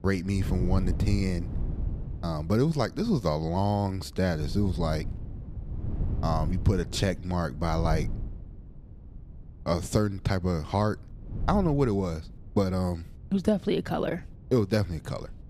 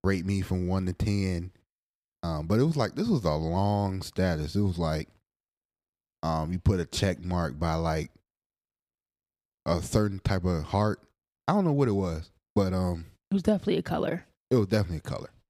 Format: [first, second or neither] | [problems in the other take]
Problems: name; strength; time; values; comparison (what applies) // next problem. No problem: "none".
second | wind noise on the microphone; occasional gusts; 15 dB below the speech